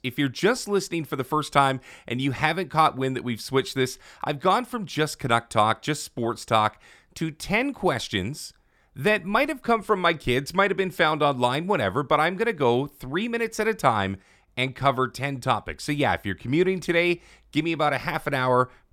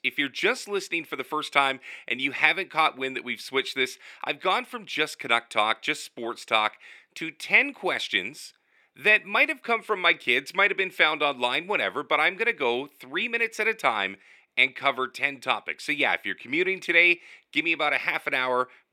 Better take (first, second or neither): first